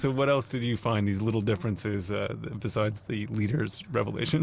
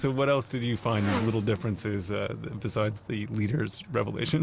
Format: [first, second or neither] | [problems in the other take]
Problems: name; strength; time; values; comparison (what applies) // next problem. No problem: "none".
first | background sound (Motorcycle); 14 dB below the speech